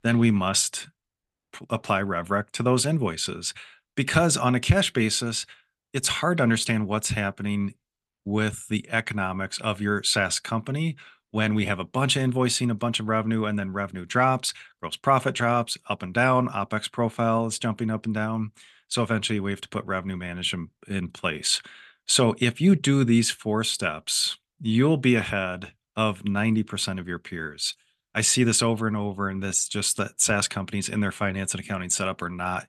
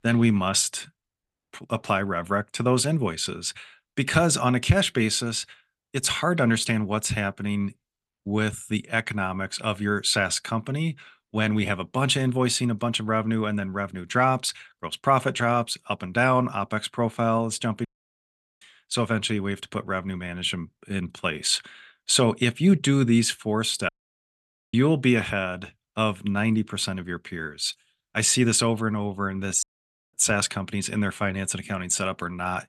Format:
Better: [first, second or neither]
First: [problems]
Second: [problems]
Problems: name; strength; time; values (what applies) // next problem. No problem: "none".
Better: first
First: none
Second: audio cutting out; at 18 s for 1 s, at 24 s for 1 s and at 30 s for 0.5 s